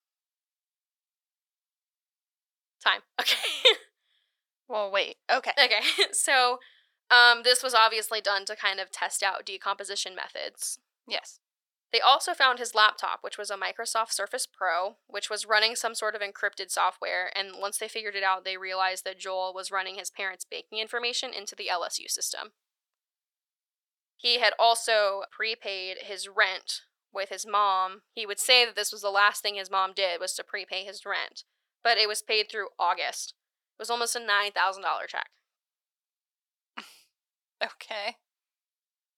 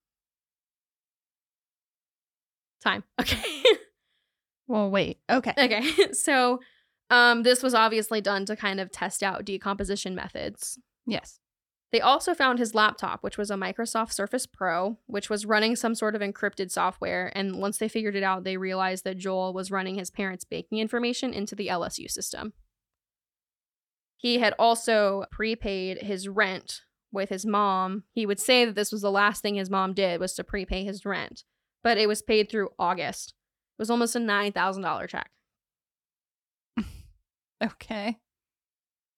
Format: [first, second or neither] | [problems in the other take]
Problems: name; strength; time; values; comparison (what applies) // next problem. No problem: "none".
second | thin; very; fading below 600 Hz